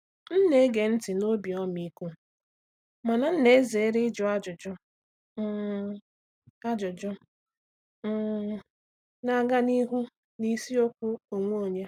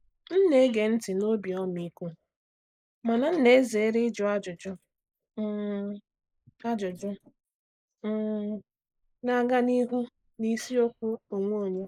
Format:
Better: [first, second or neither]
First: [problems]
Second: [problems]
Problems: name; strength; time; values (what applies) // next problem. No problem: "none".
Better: first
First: none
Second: noise reduction (neural mask model Resemble Enhance denoiser)